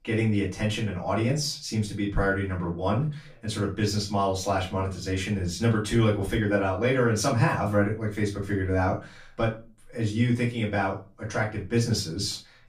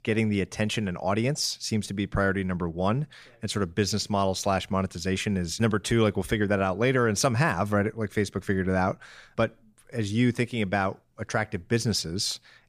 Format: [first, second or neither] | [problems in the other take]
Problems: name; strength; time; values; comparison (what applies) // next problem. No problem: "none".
second | off-mic speech; far // room echo; slight; dies away in 0.3 s